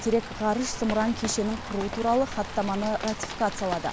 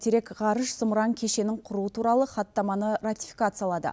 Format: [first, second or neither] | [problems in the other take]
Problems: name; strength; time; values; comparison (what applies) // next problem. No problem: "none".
second | background sound (Rain); 8 dB below the speech